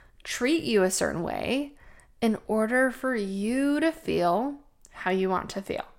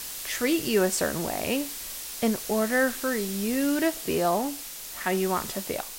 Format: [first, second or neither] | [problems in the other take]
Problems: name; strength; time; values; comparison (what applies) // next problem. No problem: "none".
first | hiss; loud; throughout; 7 dB below the speech